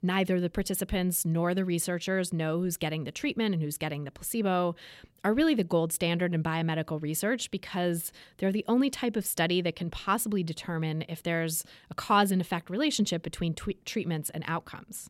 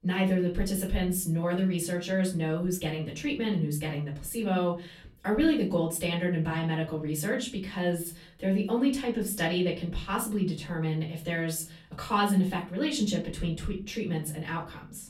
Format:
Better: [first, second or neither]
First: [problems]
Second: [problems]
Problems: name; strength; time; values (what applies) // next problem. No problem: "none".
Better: first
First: none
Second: room echo; slight; dies away in 0.3 s // off-mic speech; far